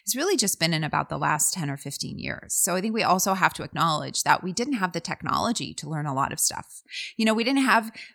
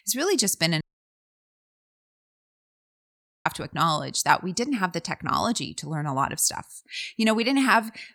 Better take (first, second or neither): first